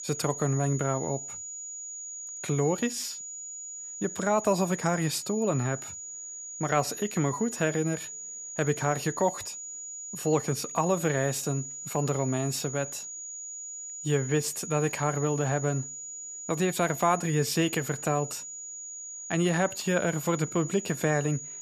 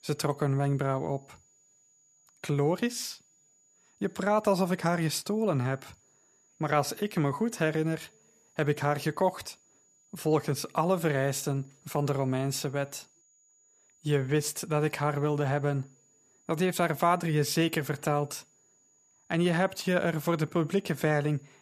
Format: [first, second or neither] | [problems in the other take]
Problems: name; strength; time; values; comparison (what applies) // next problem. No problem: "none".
second | high-pitched whine; loud; throughout; 7 kHz, 8 dB below the speech; faint in the second